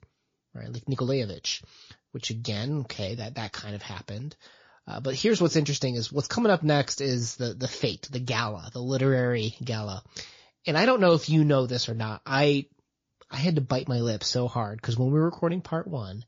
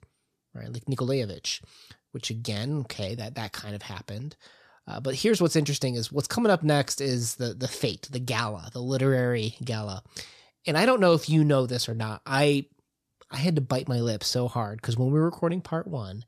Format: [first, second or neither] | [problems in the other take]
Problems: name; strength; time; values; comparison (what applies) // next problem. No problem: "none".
second | garbled, watery; slightly; nothing above 6.5 kHz